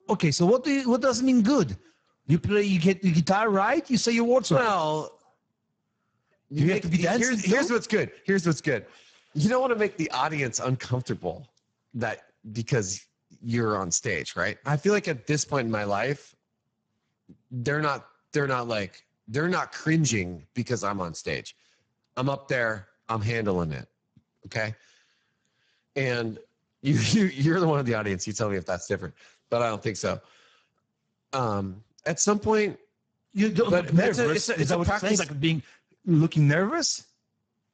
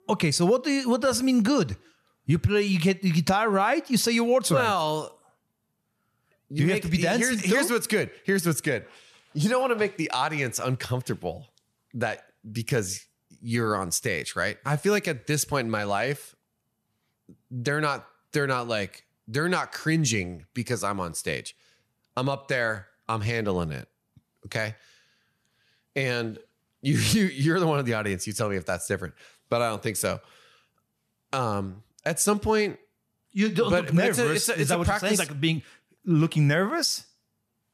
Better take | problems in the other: second | garbled, watery; badly; nothing above 7.5 kHz

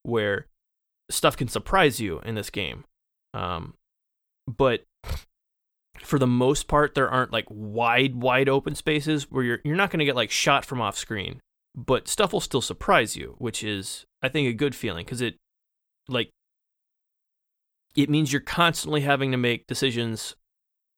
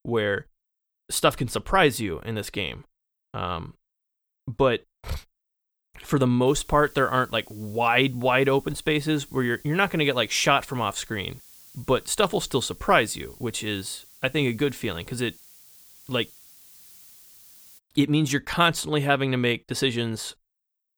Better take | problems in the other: first | hiss; faint; from 6.5 to 18 s; 25 dB below the speech

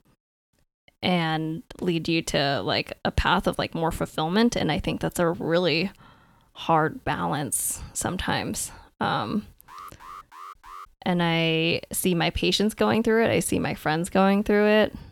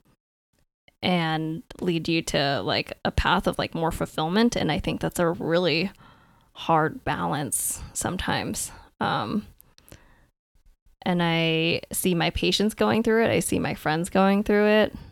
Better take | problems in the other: second | alarm; faint; from 9.5 to 11 s; peak 15 dB below the speech

